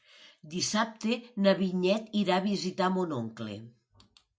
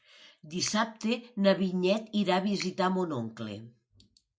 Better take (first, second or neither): first